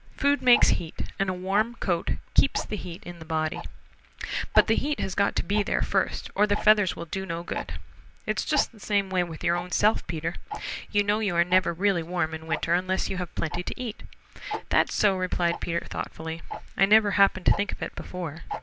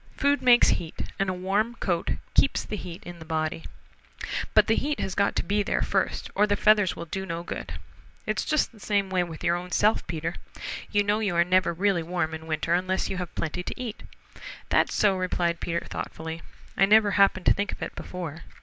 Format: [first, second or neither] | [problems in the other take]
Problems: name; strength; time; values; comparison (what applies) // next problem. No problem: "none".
second | background sound (Tick-tock); 16 dB below the speech